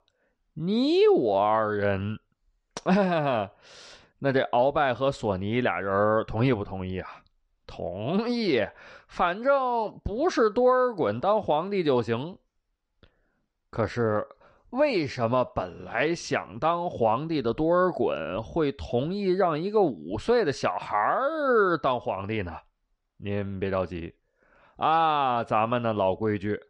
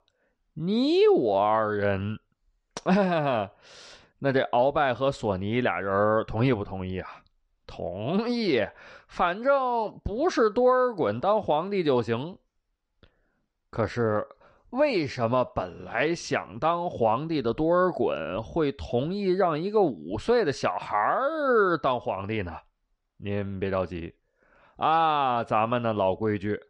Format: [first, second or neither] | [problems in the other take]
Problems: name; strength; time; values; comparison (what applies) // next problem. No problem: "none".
neither | none